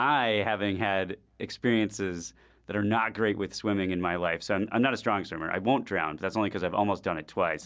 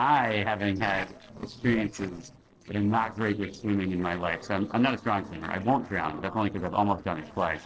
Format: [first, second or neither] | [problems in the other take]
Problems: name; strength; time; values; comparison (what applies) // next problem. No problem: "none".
first | noise reduction (neural separator model SepFormer DNS4)